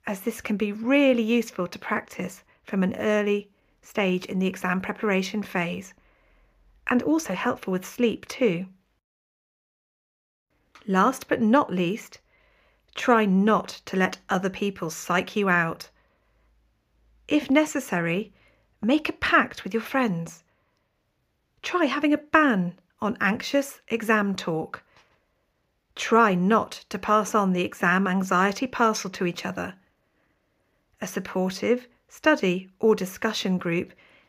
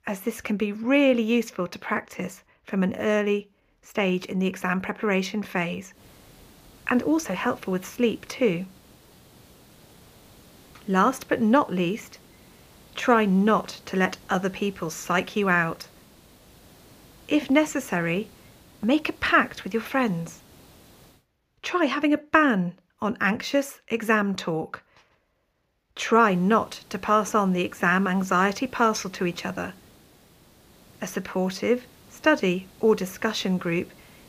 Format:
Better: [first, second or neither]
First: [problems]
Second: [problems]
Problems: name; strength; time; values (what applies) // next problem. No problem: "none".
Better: first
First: none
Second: hiss; faint; from 6 to 21 s and from 26 s on; 25 dB below the speech